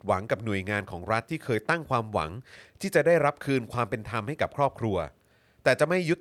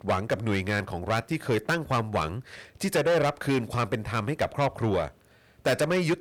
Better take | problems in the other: first | distortion; heavy; 7 dB below the speech

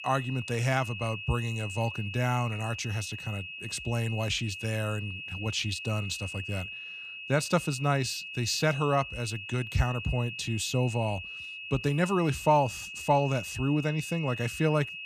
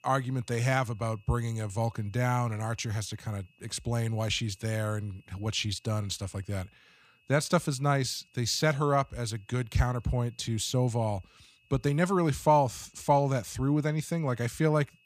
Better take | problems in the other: second | high-pitched whine; loud; throughout; 2.5 kHz, 8 dB below the speech; faint in the second

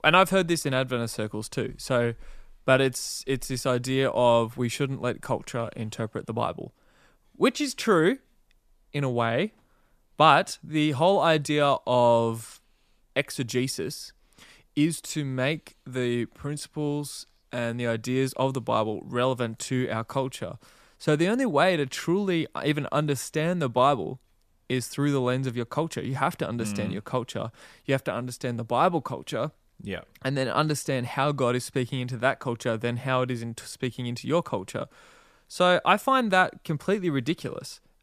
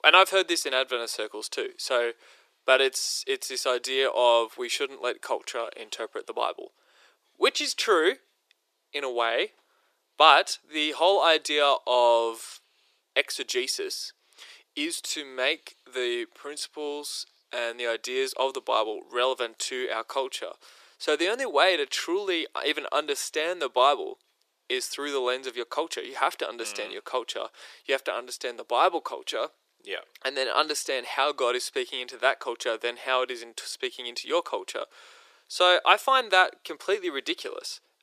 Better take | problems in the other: first | thin; very; fading below 350 Hz

